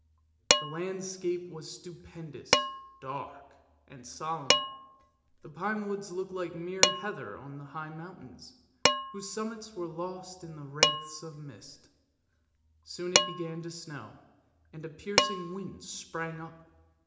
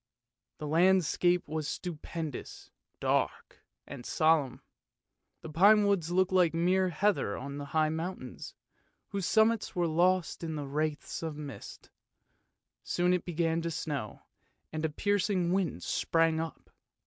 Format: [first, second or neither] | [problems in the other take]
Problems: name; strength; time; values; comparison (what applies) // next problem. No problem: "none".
second | background sound (Dishes, pots, and pans); 5 dB above the speech // room echo; dies away in 0.8 s